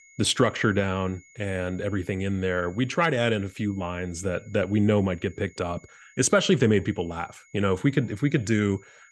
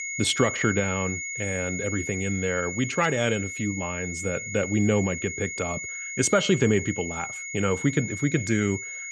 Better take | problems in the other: first | high-pitched whine; loud; throughout; 2 kHz, 6 dB below the speech; faint in the first

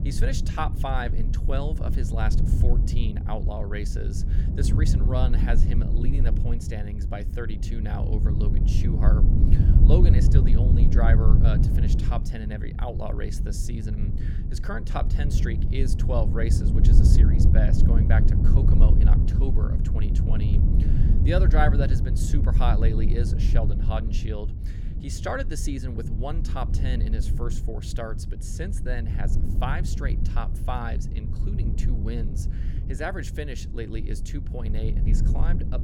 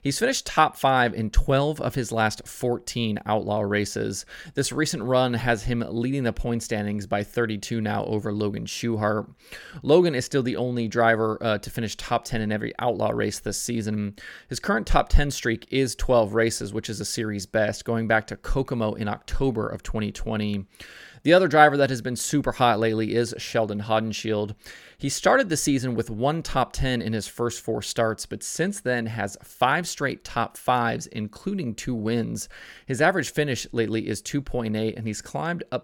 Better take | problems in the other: second | low rumble; loud; throughout; 4 dB below the speech

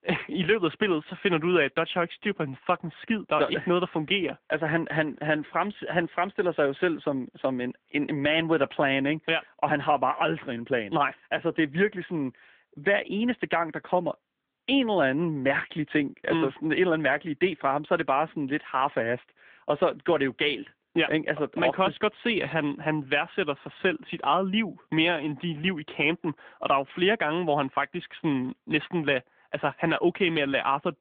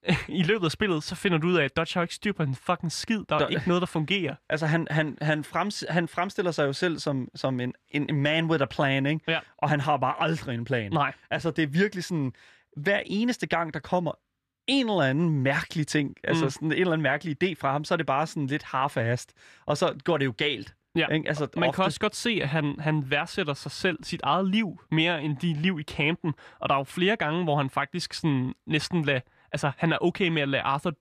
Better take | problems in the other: second | phone-call audio; nothing above 3.5 kHz

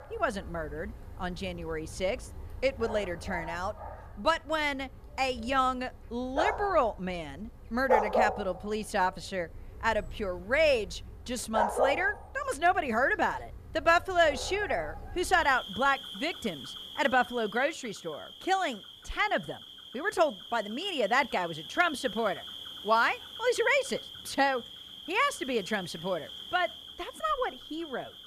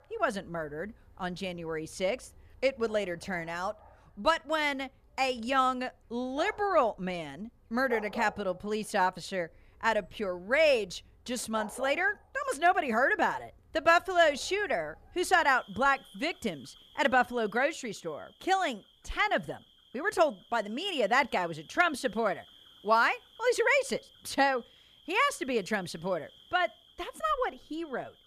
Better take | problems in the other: second | animal sounds; loud; throughout; 9 dB below the speech; faint in the second

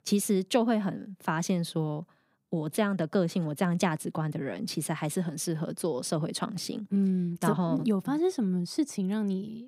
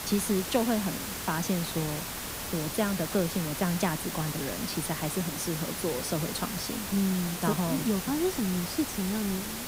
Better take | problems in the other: first | hiss; loud; throughout; 4 dB below the speech

